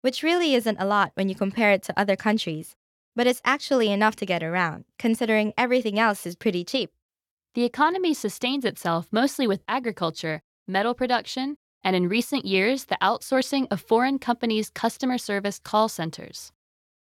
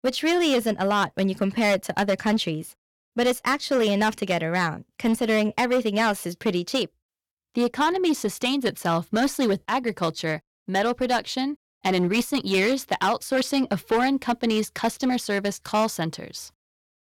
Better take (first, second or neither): first